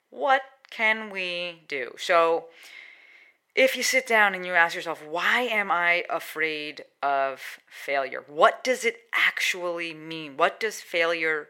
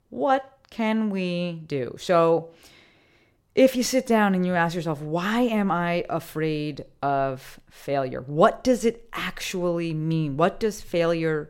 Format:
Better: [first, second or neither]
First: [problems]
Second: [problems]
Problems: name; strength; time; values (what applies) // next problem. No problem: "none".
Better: second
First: thin; very; fading below 550 Hz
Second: none